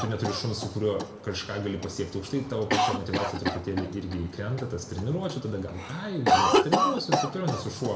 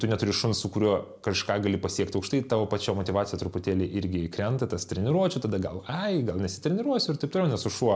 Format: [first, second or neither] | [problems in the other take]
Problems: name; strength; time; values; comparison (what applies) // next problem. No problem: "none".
second | background sound (Cough); 1 dB above the speech // room echo; dies away in 0.8 s